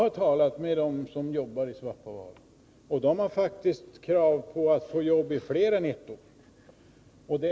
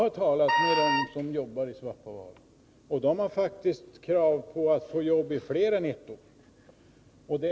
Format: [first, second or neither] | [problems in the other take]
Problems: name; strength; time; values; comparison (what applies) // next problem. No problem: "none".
first | background sound (Wind instrument, woodwind instrument); 1 dB above the speech